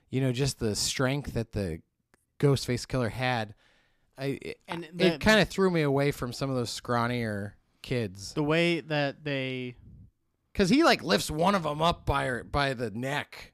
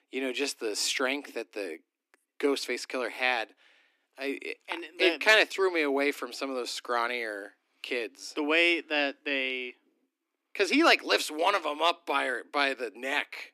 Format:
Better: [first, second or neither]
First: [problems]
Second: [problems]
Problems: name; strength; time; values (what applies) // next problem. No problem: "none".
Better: first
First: none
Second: thin; somewhat; fading below 250 Hz